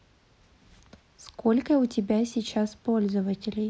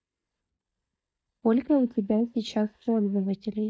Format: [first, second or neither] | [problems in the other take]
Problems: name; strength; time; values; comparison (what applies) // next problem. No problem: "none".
first | noise reduction (neural mask model DeepFilterNet 3)